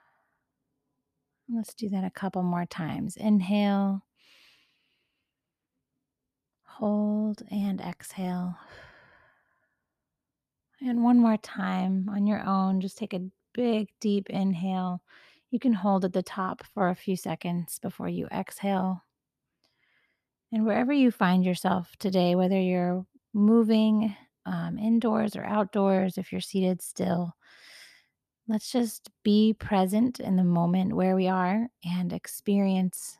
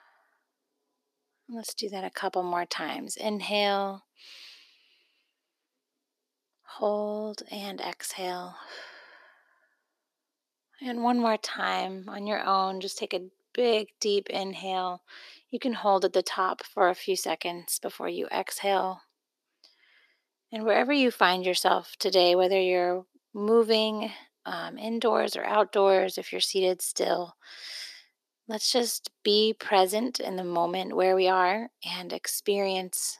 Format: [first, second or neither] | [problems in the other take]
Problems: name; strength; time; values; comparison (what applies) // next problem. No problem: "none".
first | thin; very; fading below 350 Hz